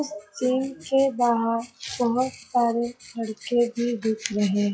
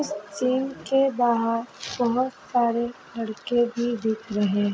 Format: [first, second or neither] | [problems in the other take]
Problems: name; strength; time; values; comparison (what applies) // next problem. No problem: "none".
second | noise reduction (classical method log-MMSE)